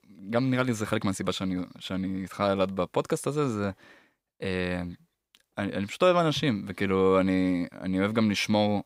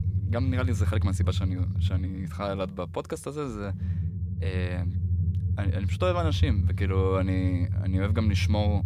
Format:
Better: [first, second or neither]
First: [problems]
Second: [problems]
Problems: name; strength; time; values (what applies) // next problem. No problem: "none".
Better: first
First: none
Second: low rumble; loud; throughout; 10 dB below the speech